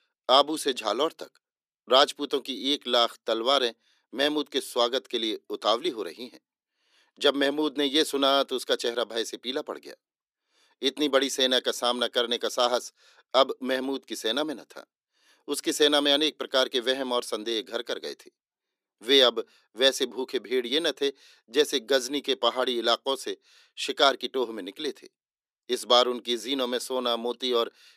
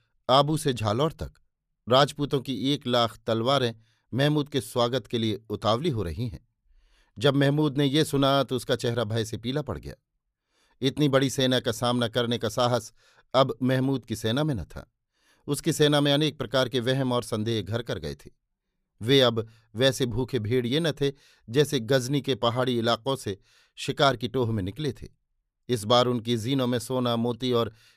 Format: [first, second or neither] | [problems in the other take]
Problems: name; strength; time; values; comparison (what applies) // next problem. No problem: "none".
second | thin; somewhat; fading below 300 Hz